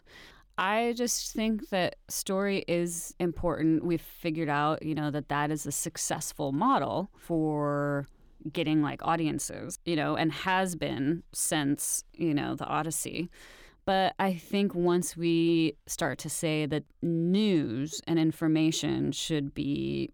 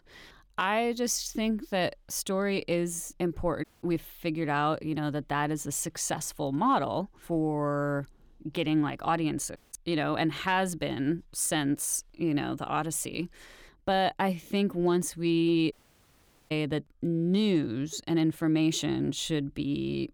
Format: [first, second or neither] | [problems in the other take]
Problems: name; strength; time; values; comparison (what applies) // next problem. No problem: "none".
first | audio cutting out; at 3.5 s, at 9.5 s and at 16 s for 1 s